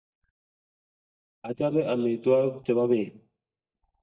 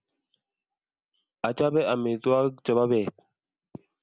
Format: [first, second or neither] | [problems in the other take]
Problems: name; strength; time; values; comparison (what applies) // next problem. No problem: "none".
second | noise reduction (neural mask model DeepFilterNet 3)